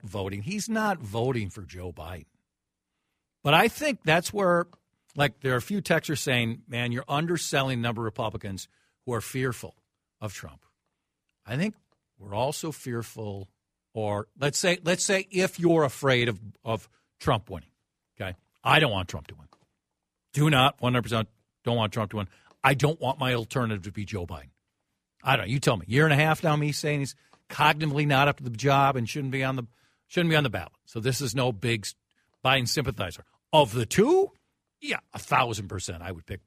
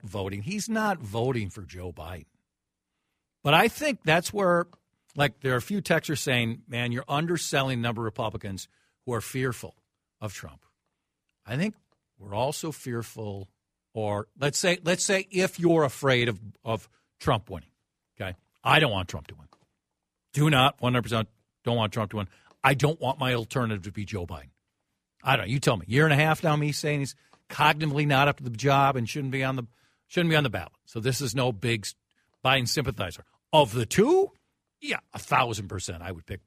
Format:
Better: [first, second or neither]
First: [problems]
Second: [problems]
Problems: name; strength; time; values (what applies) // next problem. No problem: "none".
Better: neither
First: none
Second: none